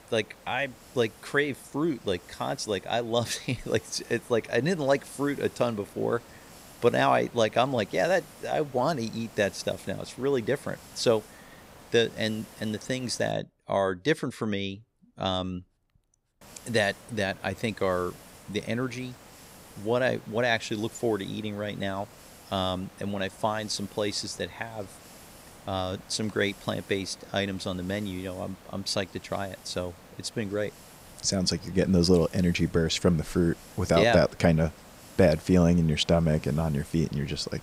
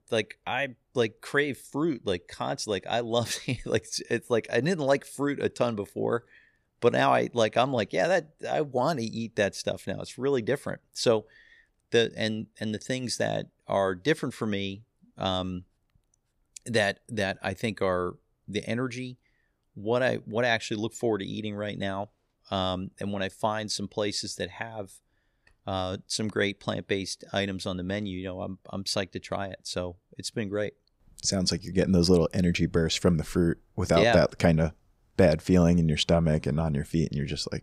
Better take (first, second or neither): second